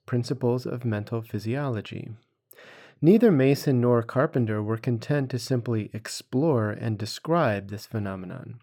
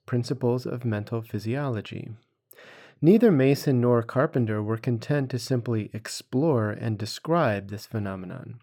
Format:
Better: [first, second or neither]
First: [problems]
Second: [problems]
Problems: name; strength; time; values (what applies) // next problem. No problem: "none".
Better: neither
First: muffled; slightly; fading above 3 kHz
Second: muffled; slightly; fading above 3 kHz